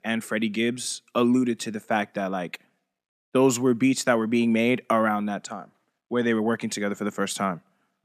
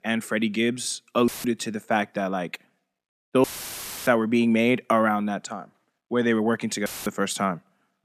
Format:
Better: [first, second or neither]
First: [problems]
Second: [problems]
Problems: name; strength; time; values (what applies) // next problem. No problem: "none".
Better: first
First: none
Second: audio cutting out; filled with static; at 1.5 s, at 3.5 s for 0.5 s and at 7 s